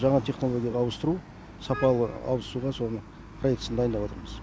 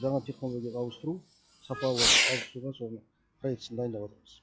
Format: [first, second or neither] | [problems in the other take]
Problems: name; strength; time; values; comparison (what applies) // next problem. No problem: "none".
first | noise reduction (classical method log-MMSE)